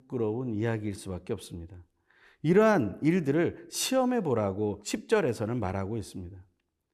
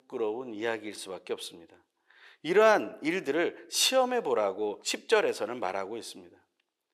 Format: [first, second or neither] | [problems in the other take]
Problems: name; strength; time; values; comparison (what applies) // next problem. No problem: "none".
first | thin; somewhat; fading below 500 Hz